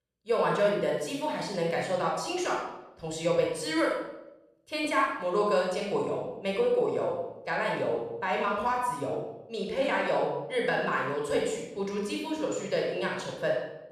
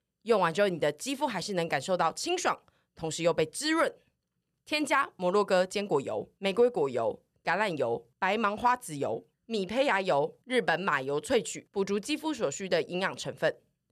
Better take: second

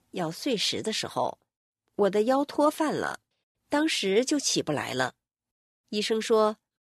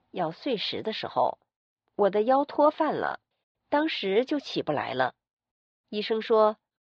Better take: first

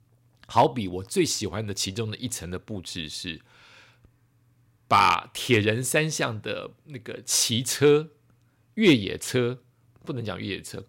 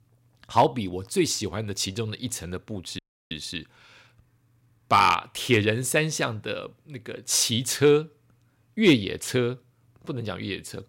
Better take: first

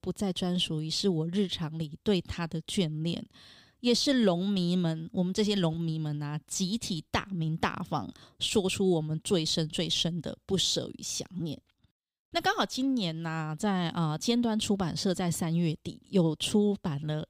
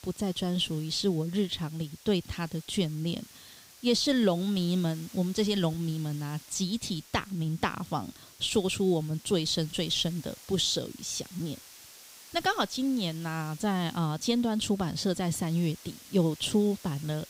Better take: first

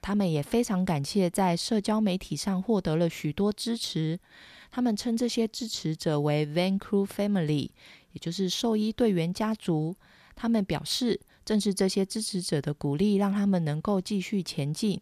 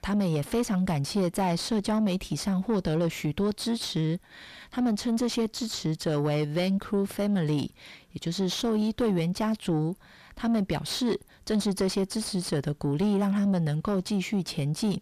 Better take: first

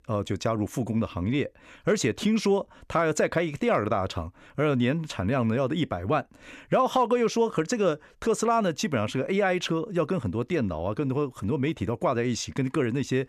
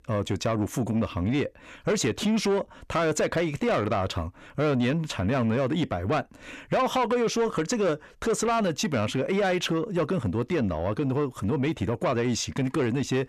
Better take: first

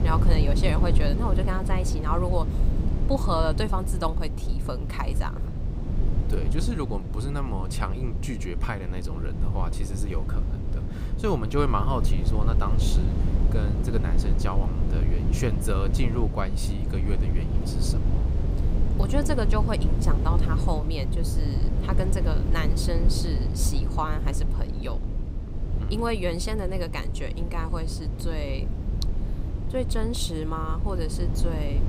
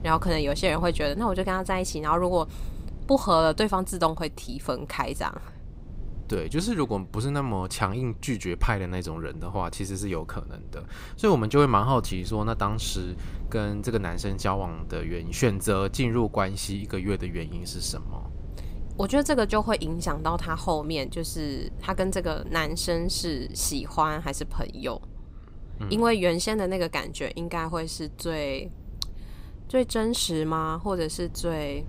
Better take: second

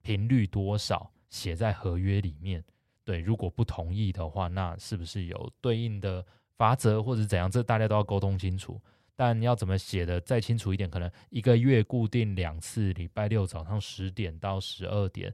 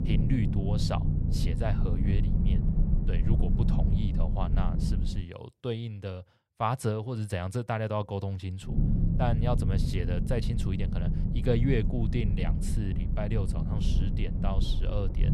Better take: first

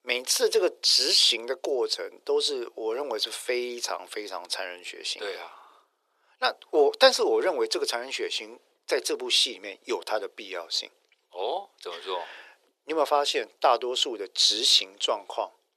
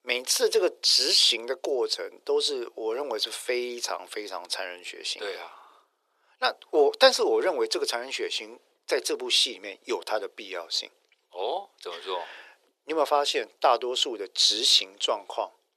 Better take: neither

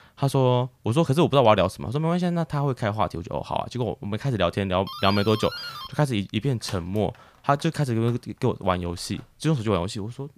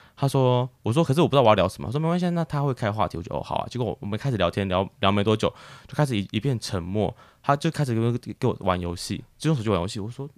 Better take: second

